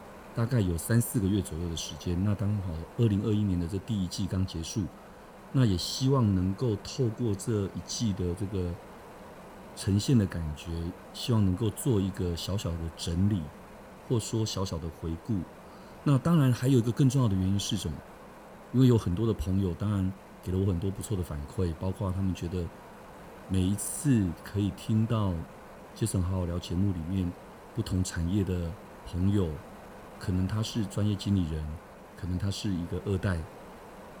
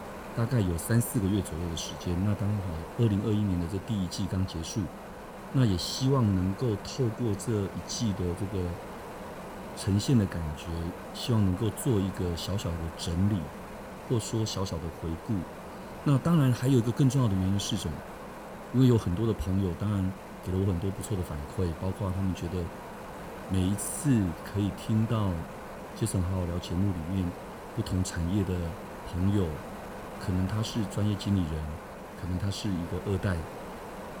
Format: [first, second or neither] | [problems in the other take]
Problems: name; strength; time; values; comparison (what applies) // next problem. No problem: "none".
first | wind noise on the microphone; heavy; 6 dB below the speech; occasional gusts in the first